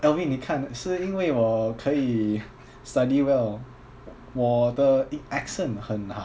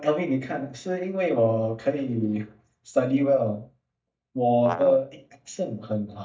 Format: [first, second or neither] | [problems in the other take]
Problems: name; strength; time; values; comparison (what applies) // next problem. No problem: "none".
first | noise reduction (neural mask model DeepFilterNet 3)